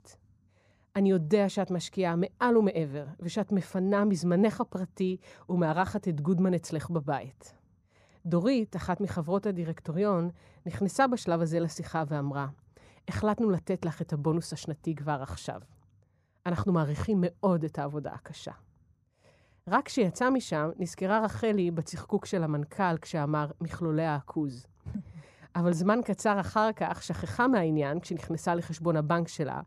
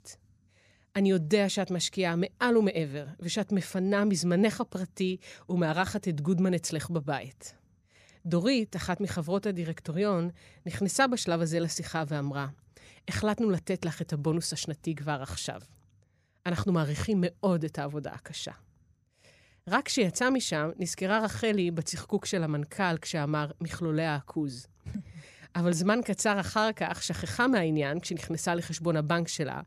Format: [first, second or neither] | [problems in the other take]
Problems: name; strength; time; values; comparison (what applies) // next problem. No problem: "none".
second | muffled; slightly; fading above 1.5 kHz